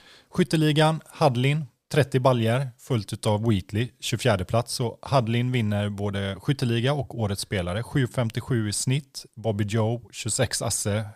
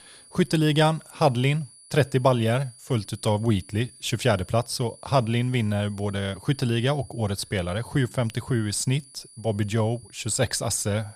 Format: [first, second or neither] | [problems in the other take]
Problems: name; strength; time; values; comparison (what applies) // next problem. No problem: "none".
first | high-pitched whine; faint; throughout; 10 kHz, 20 dB below the speech